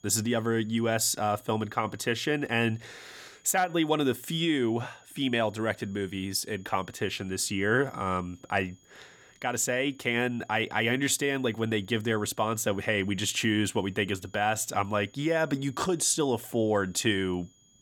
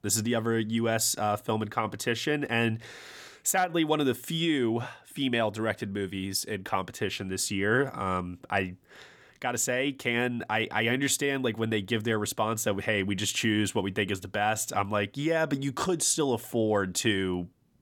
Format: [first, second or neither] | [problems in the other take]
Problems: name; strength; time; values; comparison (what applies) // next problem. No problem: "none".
second | high-pitched whine; faint; throughout; 6.5 kHz, 30 dB below the speech